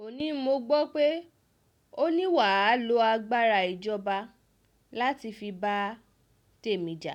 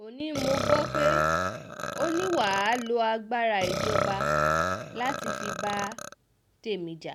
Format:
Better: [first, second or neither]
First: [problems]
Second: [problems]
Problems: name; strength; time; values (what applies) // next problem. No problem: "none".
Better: first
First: none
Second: background sound (Burping, eructation); 1 dB above the speech